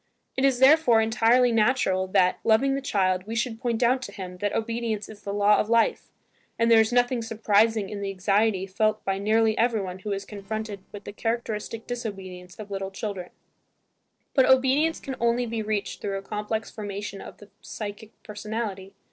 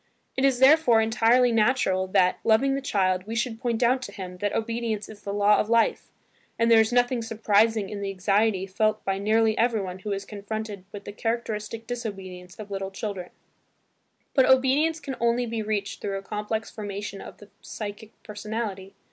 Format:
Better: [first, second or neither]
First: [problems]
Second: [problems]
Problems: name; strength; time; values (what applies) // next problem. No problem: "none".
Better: second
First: noise reduction (neural separator model SepFormer DNS4)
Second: none